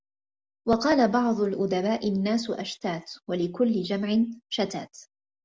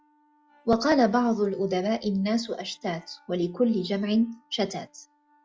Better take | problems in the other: first | noise reduction (classical method log-MMSE)

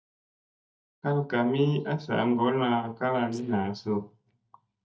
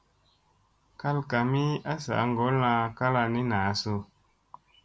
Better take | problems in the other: second | noise reduction (neural mask model DeepFilterNet 3)

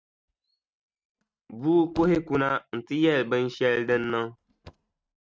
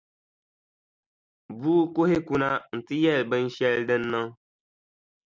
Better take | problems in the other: second | noise reduction (neural mask model RNNoise)

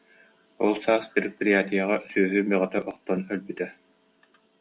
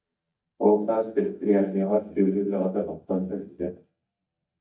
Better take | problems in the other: first | noise reduction (neural mask model DeepFilterNet 3)

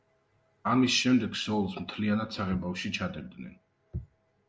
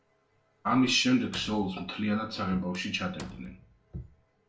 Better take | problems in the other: first | background sound (Slam); 20 dB below the speech // room echo; dies away in 0.3 s

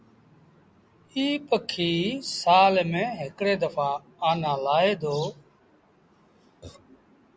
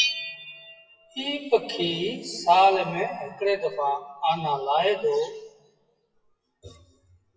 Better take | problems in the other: first | noise reduction (classical method WPE with log-MMSE)

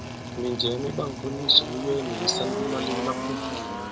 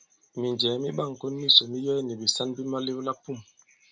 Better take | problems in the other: second | background sound (Engine); 4 dB below the speech

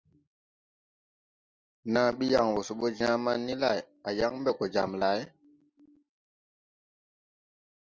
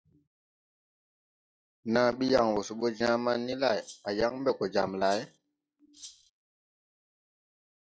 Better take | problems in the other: first | noise reduction (classical method log-MMSE)

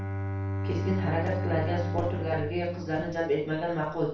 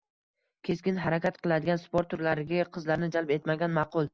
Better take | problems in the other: second | background sound (Bowed string instrument); 2 dB below the speech // room echo; dies away in 0.4 s

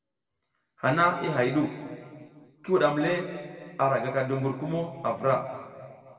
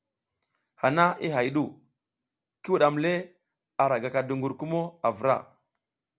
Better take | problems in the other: second | room echo; dies away in 2 s

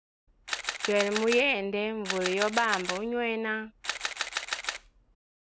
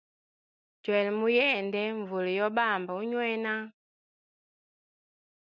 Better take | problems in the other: second | background sound (Camera); 5 dB below the speech

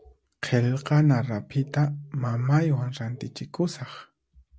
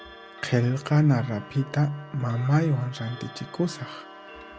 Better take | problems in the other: first | background sound (Clock + Trumpet); 18 dB below the speech

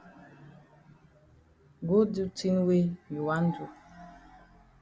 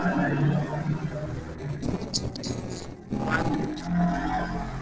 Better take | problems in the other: first | noise reduction (neural separator model SepFormer DNS4)

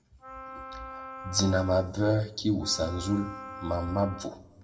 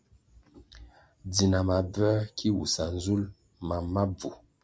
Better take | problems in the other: second | background sound (Wind instrument, woodwind instrument); 13 dB below the speech // room echo; dies away in 0.6 s

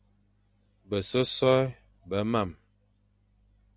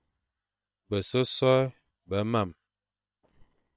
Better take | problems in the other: first | noise reduction (neural separator model SepFormer WHAM!)

